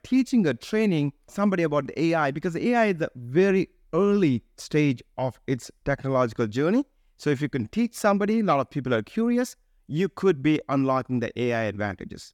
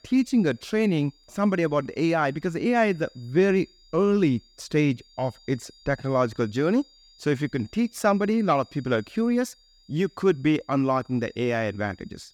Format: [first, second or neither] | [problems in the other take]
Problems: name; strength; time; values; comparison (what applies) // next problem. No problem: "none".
first | high-pitched whine; faint; throughout; 4.5 kHz, 30 dB below the speech